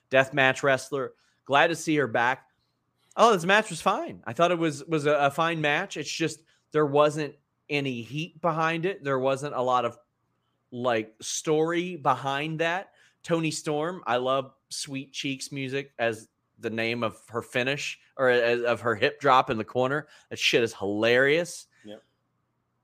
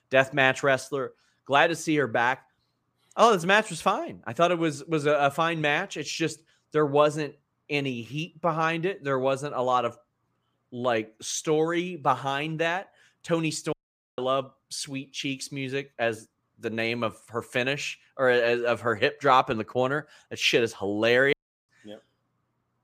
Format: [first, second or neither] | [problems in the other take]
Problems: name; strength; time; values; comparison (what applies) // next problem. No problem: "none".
first | audio cutting out; at 14 s and at 21 s